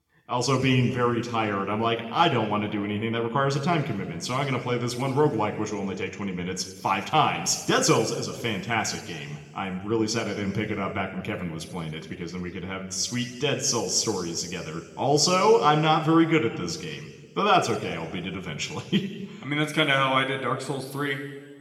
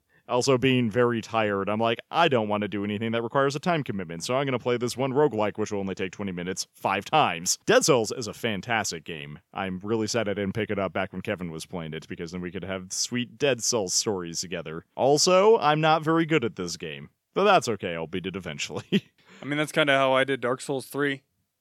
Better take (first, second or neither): second